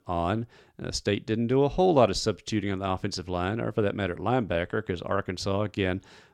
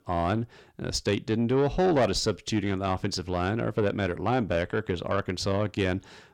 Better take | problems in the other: first | distortion; slight; 10 dB below the speech

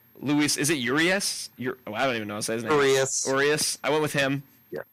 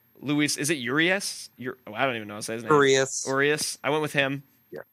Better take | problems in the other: second | distortion; heavy; 8 dB below the speech

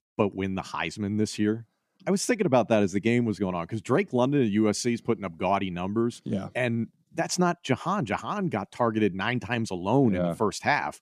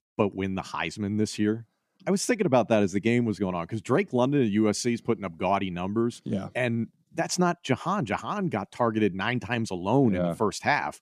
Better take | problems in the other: neither | none

